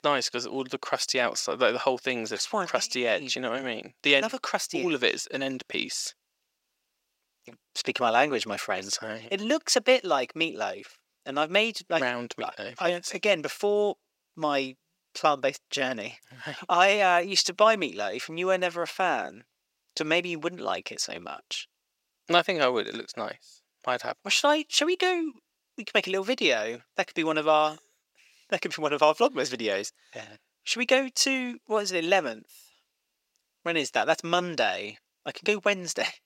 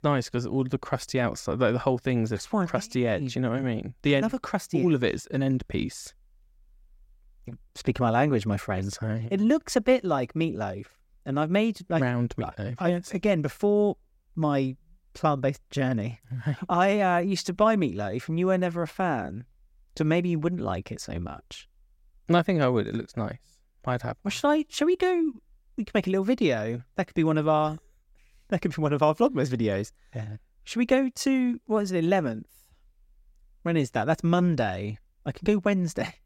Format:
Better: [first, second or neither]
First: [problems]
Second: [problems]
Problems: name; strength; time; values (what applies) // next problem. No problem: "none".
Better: second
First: thin; somewhat; fading below 450 Hz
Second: none